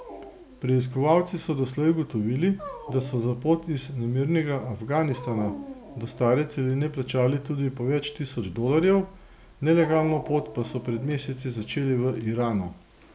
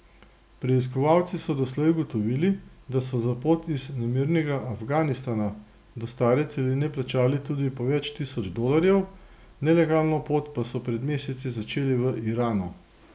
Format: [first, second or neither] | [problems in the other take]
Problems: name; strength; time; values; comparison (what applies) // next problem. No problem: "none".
second | background sound (Dog); 19 dB below the speech